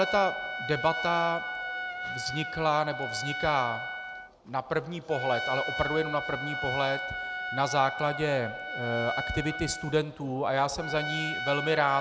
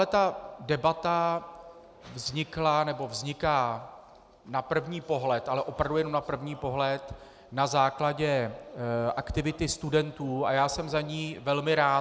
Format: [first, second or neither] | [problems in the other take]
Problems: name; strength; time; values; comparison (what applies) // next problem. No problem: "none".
second | background sound (Trumpet); 5 dB below the speech